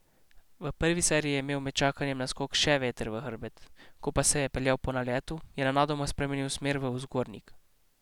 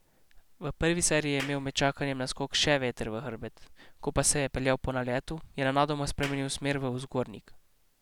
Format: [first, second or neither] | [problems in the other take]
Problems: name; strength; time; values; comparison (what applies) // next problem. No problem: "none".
first | background sound (Clapping); 15 dB below the speech